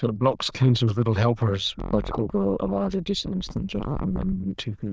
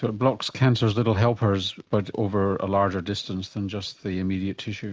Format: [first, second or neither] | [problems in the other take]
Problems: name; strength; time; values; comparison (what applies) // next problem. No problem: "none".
second | noise reduction (neural diffusion model UNIVERSE++)